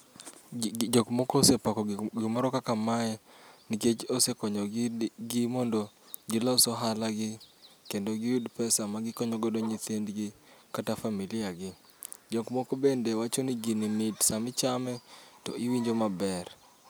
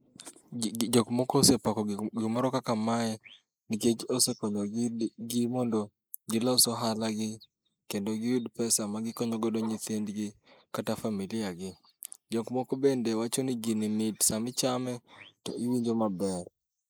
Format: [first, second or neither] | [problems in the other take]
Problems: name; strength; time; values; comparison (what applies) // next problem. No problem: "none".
first | noise reduction (neural mask model Resemble Enhance denoiser)